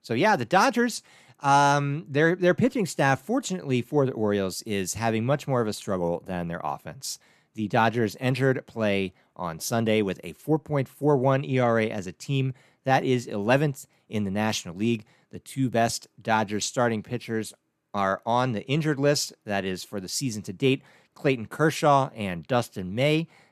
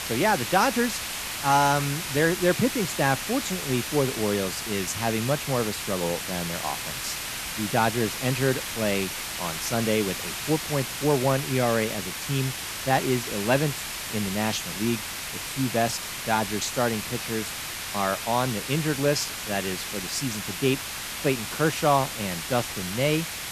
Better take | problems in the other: first | hiss; loud; throughout; 4 dB below the speech

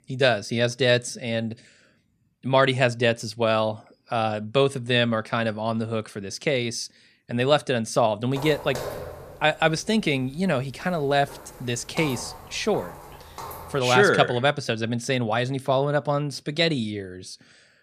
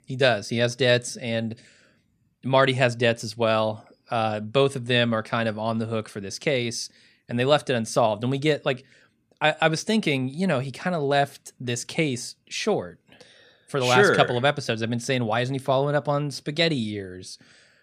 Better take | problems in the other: second | footsteps; noticeable; from 8.5 to 14 s; peak 9 dB below the speech

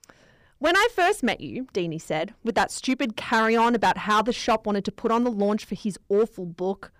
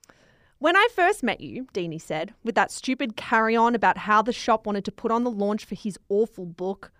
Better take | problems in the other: second | distortion; slight; 5% of the sound clipped

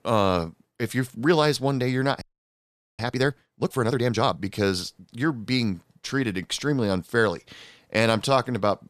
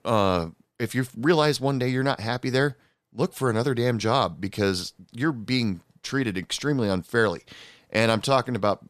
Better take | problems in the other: second | audio freezing; at 2 s for 1 s

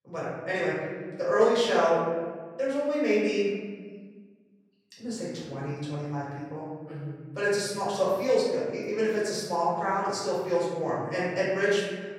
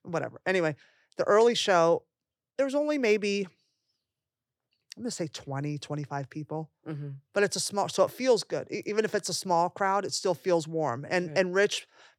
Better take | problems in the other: second | room echo; noticeable; dies away in 1.5 s // off-mic speech; far

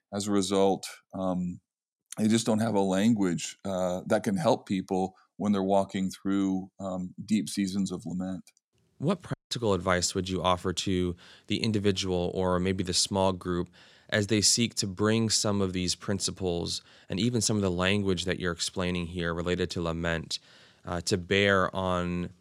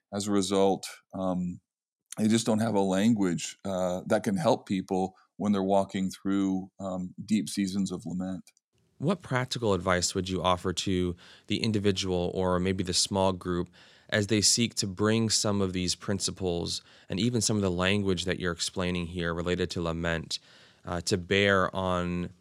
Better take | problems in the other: second | audio cutting out; at 9.5 s

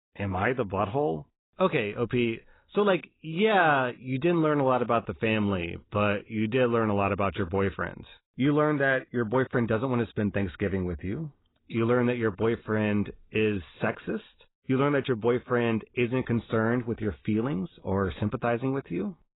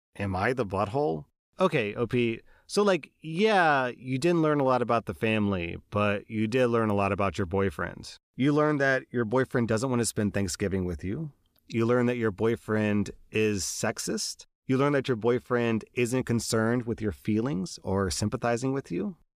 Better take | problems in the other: second | garbled, watery; badly; nothing above 4 kHz

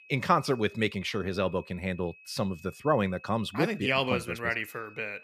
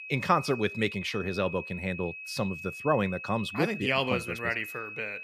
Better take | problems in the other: first | high-pitched whine; loud; throughout; 2.5 kHz, 9 dB below the speech; faint in the first

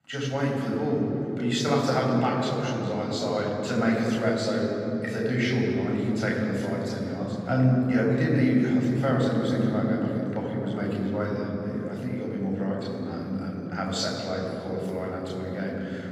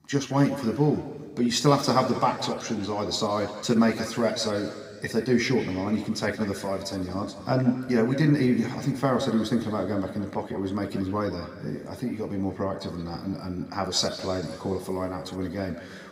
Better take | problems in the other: second | room echo; strong; dies away in 3 s; slight in the second // off-mic speech; far

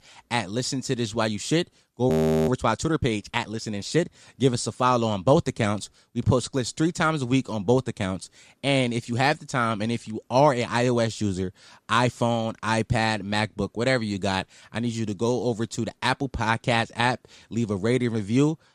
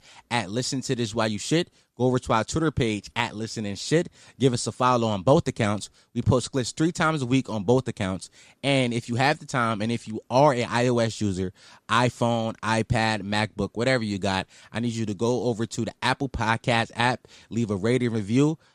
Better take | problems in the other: second | audio freezing; at 2 s

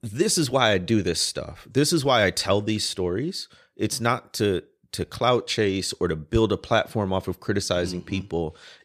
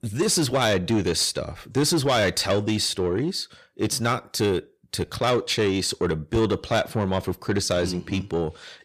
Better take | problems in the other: first | distortion; slight; 10 dB below the speech

